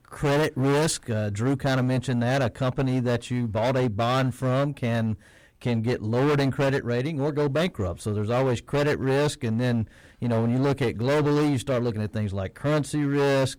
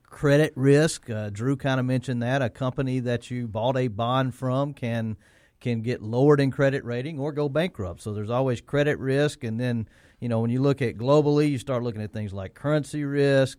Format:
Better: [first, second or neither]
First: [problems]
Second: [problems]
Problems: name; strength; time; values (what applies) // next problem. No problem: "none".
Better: second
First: distortion; heavy; 20% of the sound clipped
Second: none